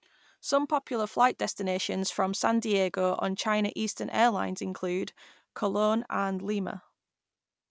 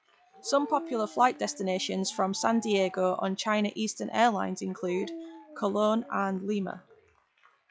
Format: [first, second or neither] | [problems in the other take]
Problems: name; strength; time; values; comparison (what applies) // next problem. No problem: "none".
first | noise reduction (classical method log-MMSE)